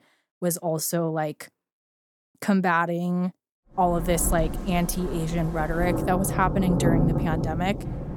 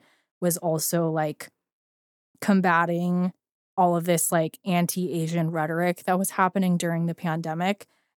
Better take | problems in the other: second | rain or running water; loud; from 4 s on; 3 dB below the speech

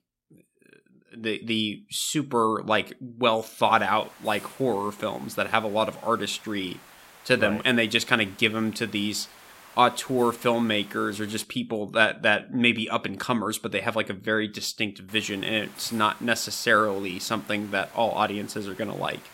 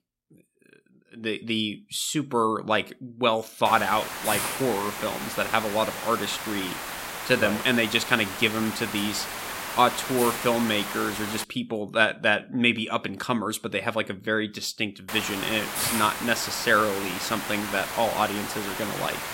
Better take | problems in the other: first | hiss; loud; from 3.5 to 11 s and from 15 s on; 6 dB below the speech; faint in the first

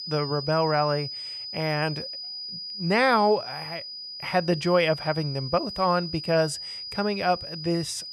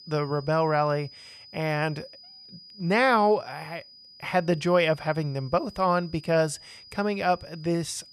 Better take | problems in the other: second | high-pitched whine; loud; throughout; 5 kHz, 9 dB below the speech; faint in the second

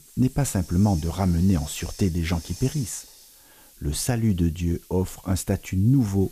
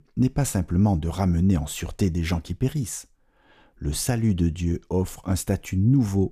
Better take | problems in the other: second | hiss; noticeable; throughout; 20 dB below the speech

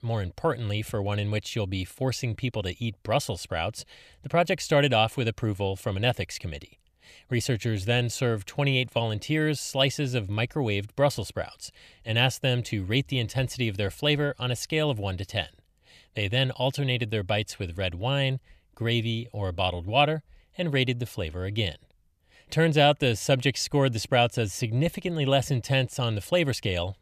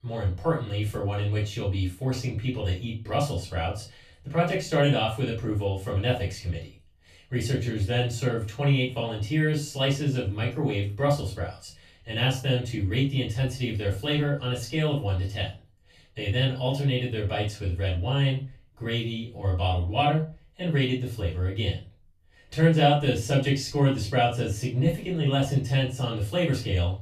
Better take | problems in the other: first | off-mic speech; far // room echo; slight; dies away in 0.3 s

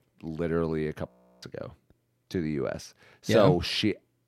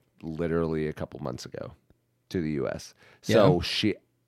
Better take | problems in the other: second | audio freezing; at 1 s

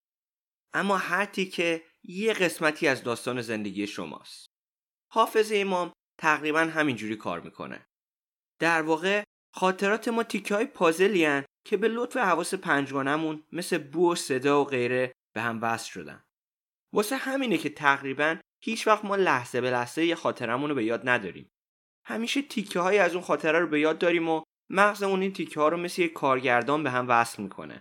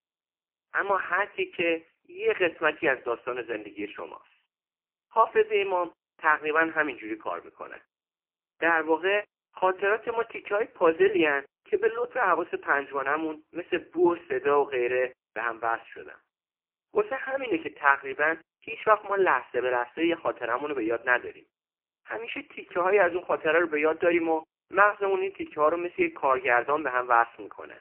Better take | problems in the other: first | phone-call audio; poor line; nothing above 3 kHz

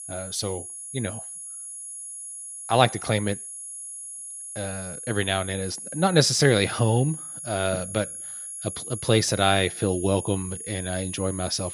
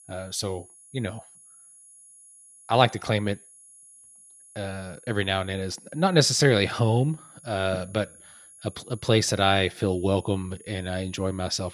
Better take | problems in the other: second | high-pitched whine; loud; throughout; 10.5 kHz, 9 dB below the speech; faint in the second

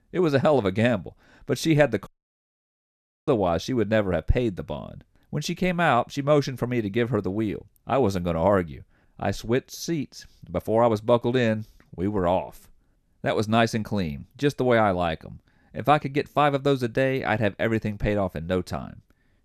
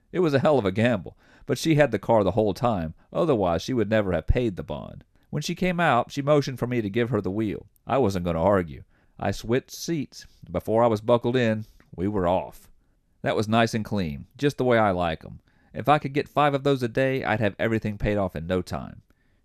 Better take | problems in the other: second | audio cutting out; at 2 s for 1 s

